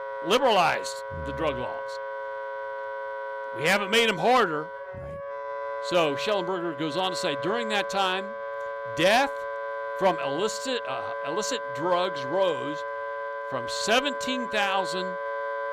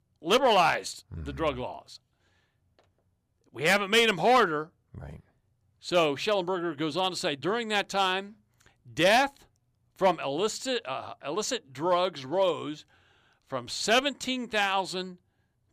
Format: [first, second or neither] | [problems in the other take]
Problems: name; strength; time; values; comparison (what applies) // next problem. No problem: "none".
second | background music; loud; throughout; 7 dB below the speech